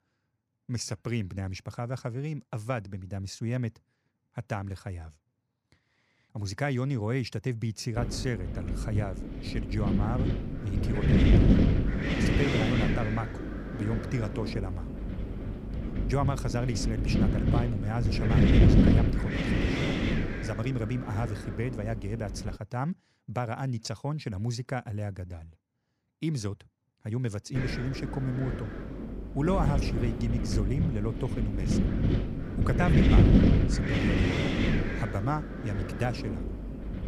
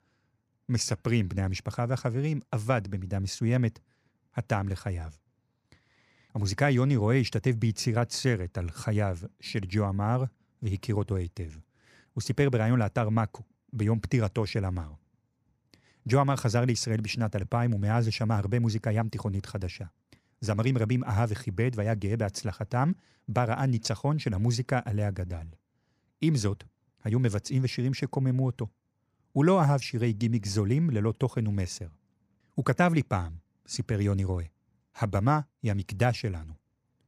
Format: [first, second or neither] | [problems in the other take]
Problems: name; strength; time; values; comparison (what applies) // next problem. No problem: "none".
second | wind noise on the microphone; heavy; from 8 to 23 s and from 28 s on; 3 dB above the speech